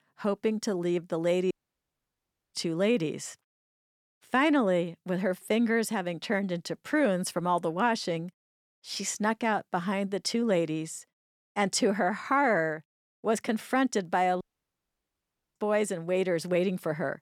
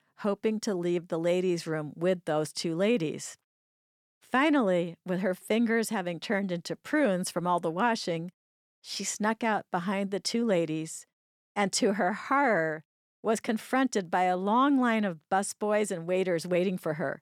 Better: second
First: audio cutting out; at 1.5 s for 1 s and at 14 s for 1 s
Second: none

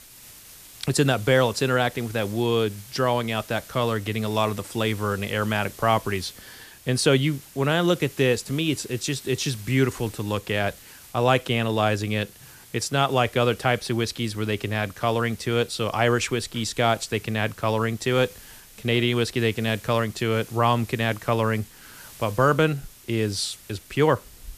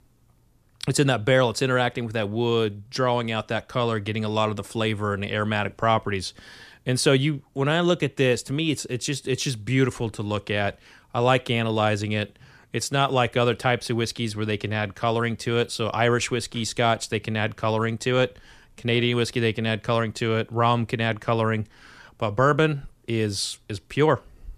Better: second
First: hiss; faint; throughout; 20 dB below the speech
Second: none

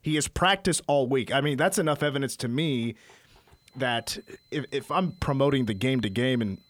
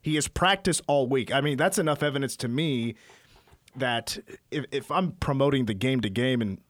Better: second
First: high-pitched whine; faint; from 3.5 s on; 4 kHz, 35 dB below the speech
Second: none

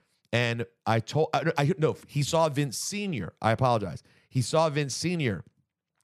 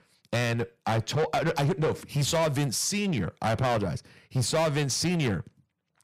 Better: first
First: none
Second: distortion; heavy; 6 dB below the speech

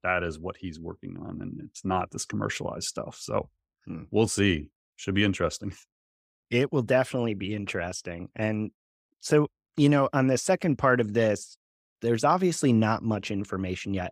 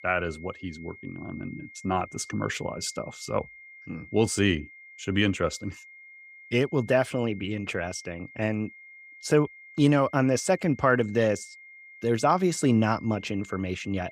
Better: first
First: none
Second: high-pitched whine; noticeable; throughout; 2 kHz, 20 dB below the speech

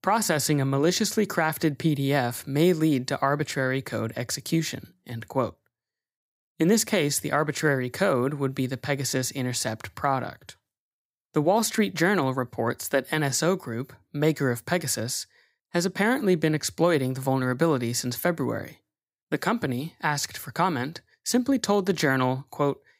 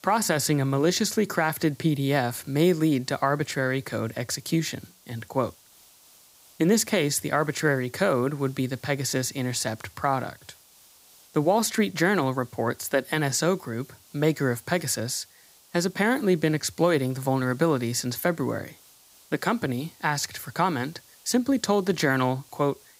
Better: first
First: none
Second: hiss; faint; throughout; 25 dB below the speech

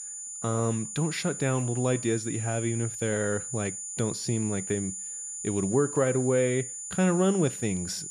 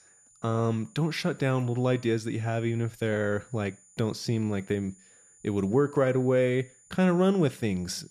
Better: second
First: high-pitched whine; loud; throughout; 7 kHz, 6 dB below the speech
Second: high-pitched whine; faint; throughout; 7 kHz, 30 dB below the speech

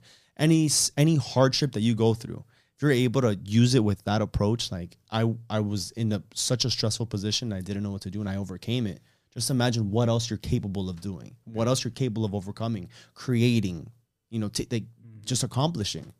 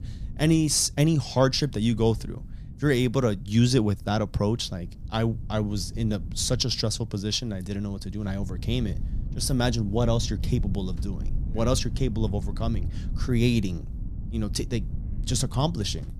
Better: first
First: none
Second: wind noise on the microphone; occasional gusts; 20 dB below the speech

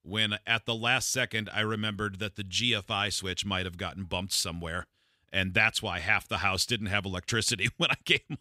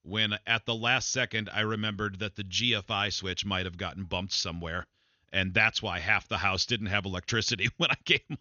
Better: first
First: none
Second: garbled, watery; slightly; nothing above 6.5 kHz

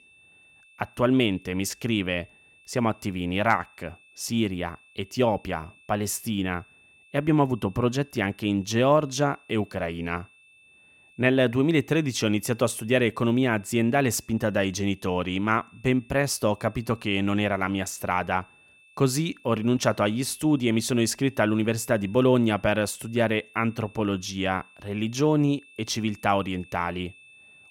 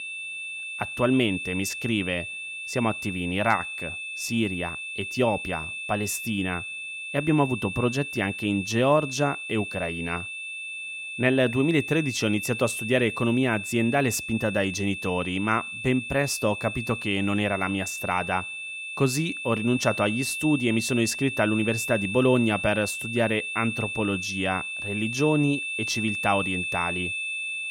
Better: first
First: high-pitched whine; faint; throughout; 2.5 kHz, 25 dB below the speech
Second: high-pitched whine; loud; throughout; 2.5 kHz, 5 dB below the speech

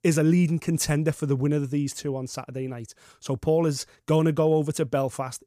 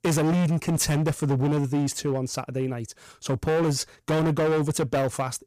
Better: first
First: none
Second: distortion; heavy; 21% of the sound clipped

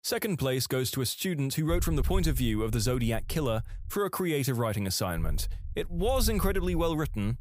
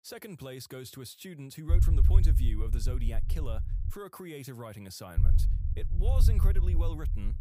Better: first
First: low rumble; faint; from 1.5 to 4 s and from 5 s on; 25 dB below the speech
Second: low rumble; loud; from 1.5 to 4 s and from 5 s on; 4 dB below the speech

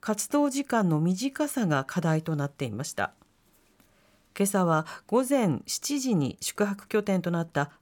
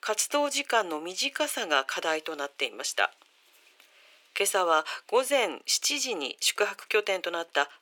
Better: first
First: none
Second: thin; very; fading below 350 Hz

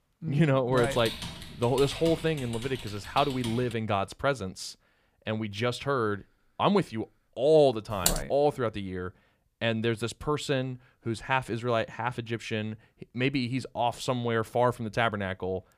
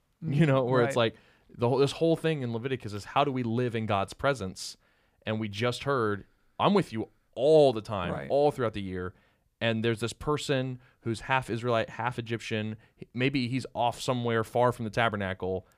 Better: second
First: keyboard typing; noticeable; from 0.5 to 3.5 s; peak 7 dB below the speech // keyboard typing; loud; at 8 s; peak level with the speech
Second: none

